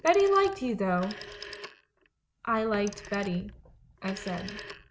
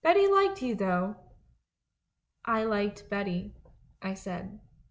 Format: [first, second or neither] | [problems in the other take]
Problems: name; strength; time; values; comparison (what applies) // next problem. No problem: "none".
second | background sound (Telephone); 16 dB below the speech